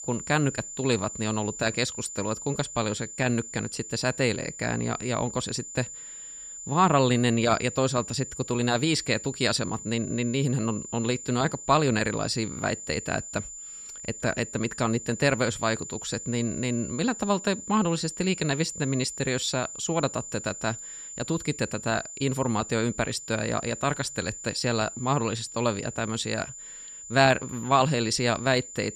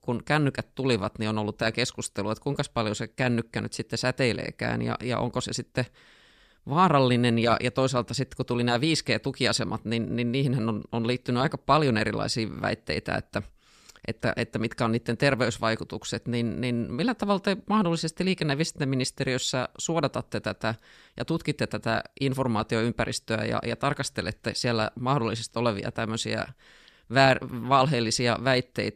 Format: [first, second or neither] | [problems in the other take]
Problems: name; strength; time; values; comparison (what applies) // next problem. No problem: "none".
second | high-pitched whine; noticeable; throughout; 7 kHz, 10 dB below the speech